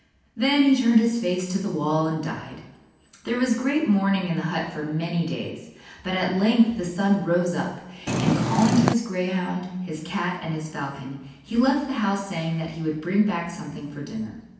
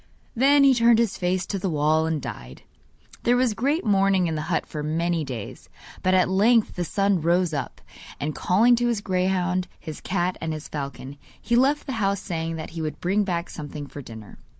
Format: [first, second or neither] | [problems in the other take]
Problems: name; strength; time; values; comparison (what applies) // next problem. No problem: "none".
second | background sound (Purr); 2 dB above the speech // room echo; dies away in 0.9 s